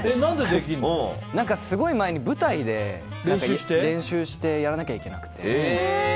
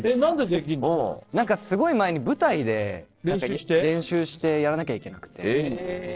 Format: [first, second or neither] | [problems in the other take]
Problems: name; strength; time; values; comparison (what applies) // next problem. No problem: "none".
first | noise reduction (neural separator model SepFormer DNS4)